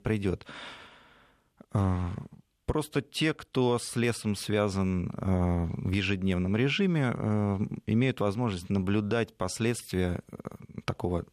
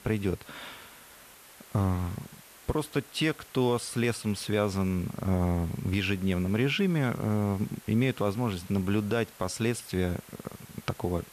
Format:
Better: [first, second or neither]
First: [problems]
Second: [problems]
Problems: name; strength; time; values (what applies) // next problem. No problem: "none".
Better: first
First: none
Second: hiss; faint; throughout; 20 dB below the speech